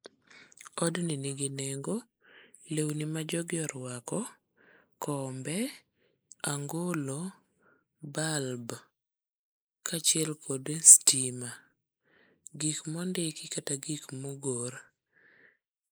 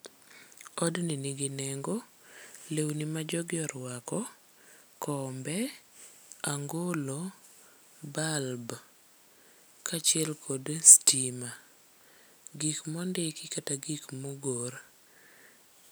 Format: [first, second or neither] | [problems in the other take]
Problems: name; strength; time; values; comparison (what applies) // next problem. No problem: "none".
second | noise reduction (neural mask model Resemble Enhance denoiser)